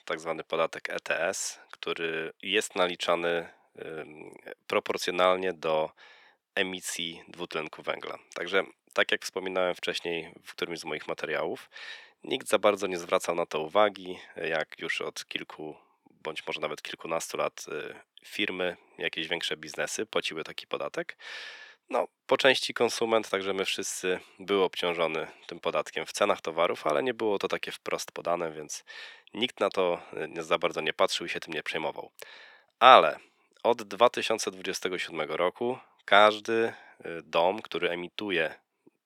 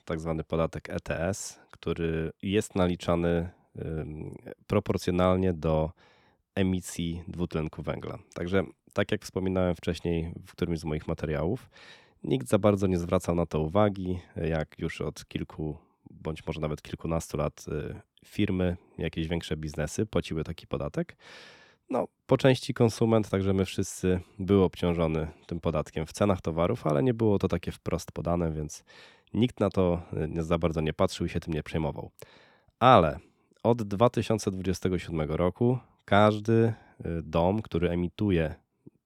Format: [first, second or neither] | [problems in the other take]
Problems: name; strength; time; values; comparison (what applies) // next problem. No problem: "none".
second | thin; very; fading below 500 Hz